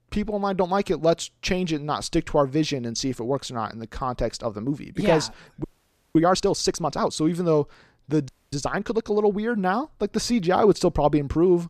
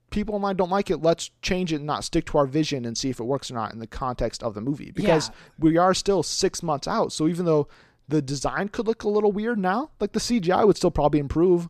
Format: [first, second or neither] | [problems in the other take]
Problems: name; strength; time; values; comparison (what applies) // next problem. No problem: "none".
second | audio freezing; at 5.5 s for 0.5 s and at 8.5 s